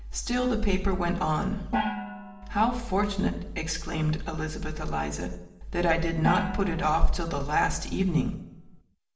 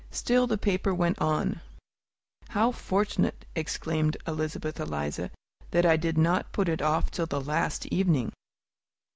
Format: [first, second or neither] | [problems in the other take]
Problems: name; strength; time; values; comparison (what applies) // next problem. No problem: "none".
second | background sound (Gong); 9 dB below the speech // room echo; dies away in 0.7 s